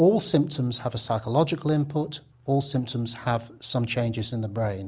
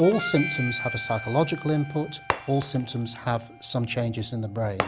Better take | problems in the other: first | background sound (Shatter + Harmonica); 8 dB below the speech

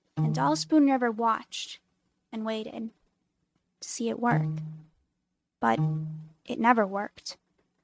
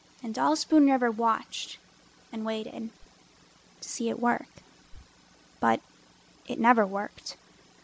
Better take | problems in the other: second | noise reduction (neural mask model RNNoise)

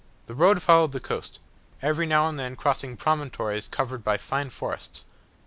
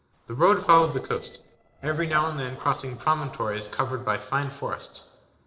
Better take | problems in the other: first | noise reduction (neural separator model SepFormer DNS4)

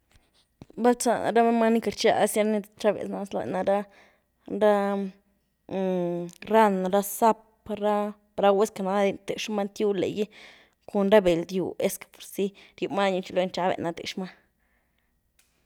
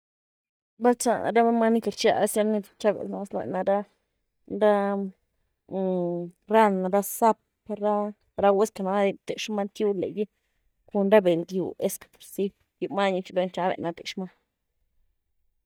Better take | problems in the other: first | noise reduction (neural mask model DeepFilterNet 3)

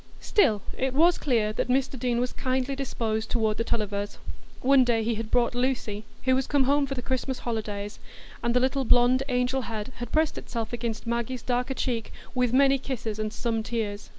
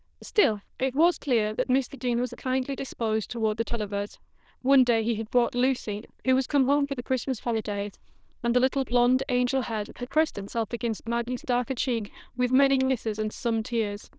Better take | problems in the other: first | noise reduction (neural diffusion model UNIVERSE++)

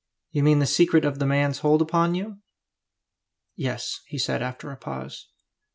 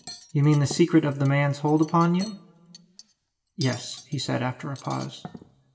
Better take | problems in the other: first | background sound (Cutlery, silverware); 20 dB below the speech // room echo; dies away in 0.8 s

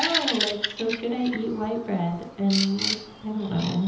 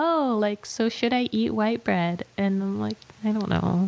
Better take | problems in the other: second | background sound (Bird vocalization, bird call, bird song); 5 dB below the speech // room echo; dies away in 0.8 s

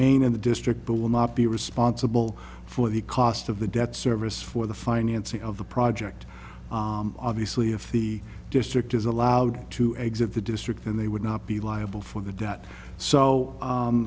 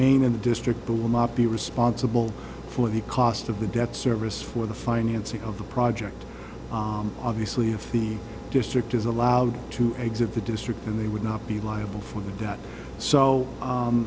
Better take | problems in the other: first | background sound (Aircraft); 14 dB below the speech

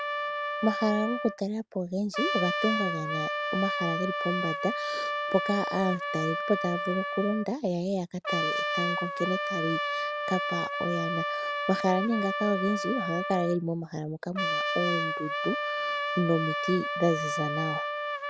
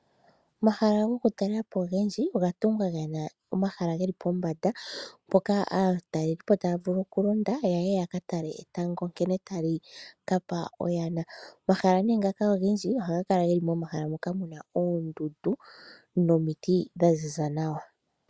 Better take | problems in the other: second | background sound (Trumpet); 1 dB below the speech

